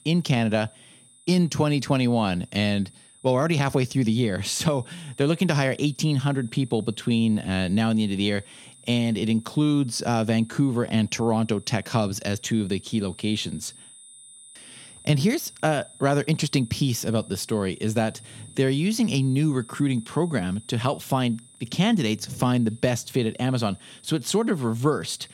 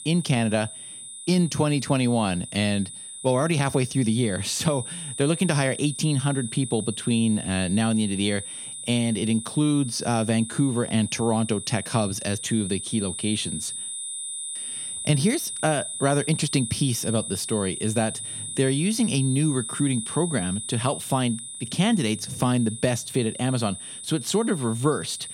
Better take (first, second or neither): first